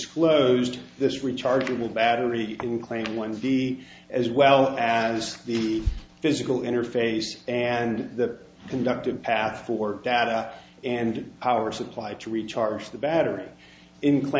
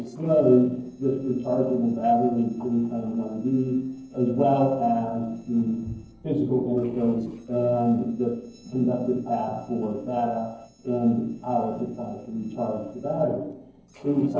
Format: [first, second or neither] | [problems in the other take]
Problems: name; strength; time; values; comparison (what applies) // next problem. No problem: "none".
first | noise reduction (neural separator model SepFormer DNS4)